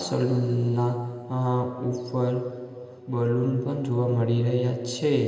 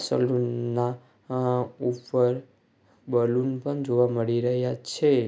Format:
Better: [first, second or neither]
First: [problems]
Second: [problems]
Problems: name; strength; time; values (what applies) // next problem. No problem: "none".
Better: second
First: room echo; dies away in 2.9 s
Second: none